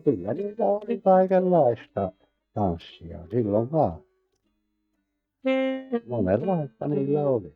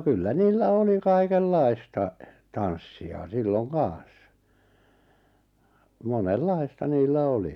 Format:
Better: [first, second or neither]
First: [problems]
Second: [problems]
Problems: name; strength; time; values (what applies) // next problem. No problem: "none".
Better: second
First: noise reduction (neural mask model DeepFilterNet 3)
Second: none